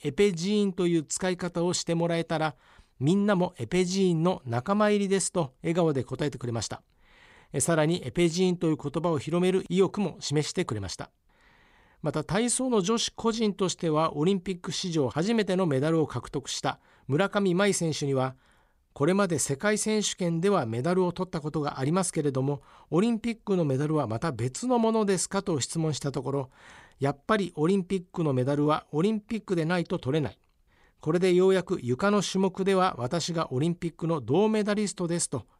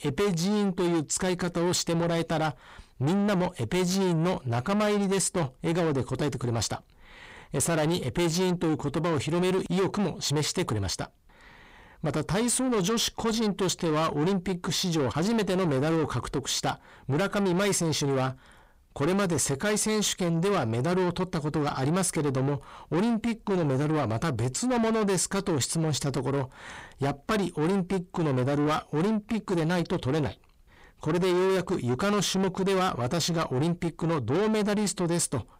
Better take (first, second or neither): first